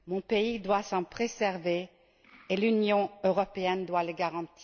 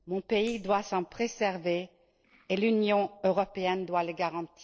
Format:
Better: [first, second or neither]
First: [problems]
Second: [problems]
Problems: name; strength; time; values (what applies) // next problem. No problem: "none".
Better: first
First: none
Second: noise reduction (neural separator model SepFormer DNS4)